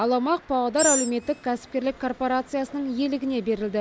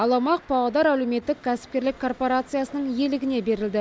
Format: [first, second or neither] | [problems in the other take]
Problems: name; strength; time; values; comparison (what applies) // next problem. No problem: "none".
second | background sound (Animal); 4 dB below the speech